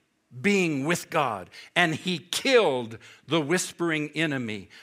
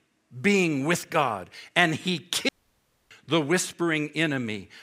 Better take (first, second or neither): first